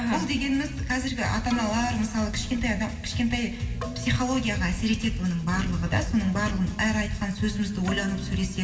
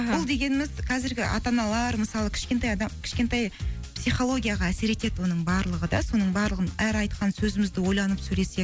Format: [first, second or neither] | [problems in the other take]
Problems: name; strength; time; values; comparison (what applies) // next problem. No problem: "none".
second | background sound (Keyboard (musical)); 16 dB below the speech // room echo; dies away in 2.2 s